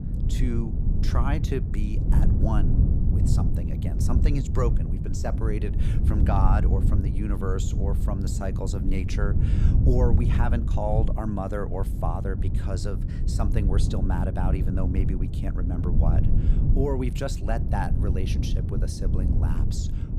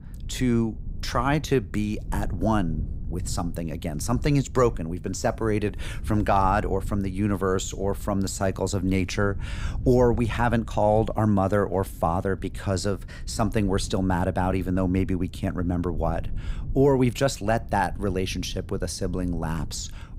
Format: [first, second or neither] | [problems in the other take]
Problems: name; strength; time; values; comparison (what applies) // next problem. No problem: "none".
second | wind noise on the microphone; heavy; 5 dB below the speech; occasional gusts in the second